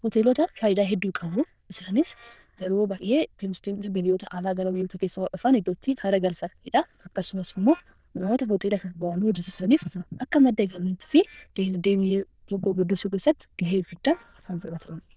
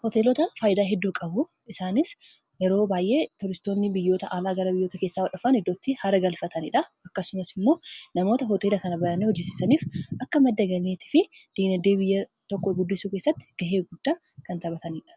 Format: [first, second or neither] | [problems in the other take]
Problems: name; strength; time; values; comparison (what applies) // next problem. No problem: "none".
second | noise reduction (neural diffusion model UNIVERSE++)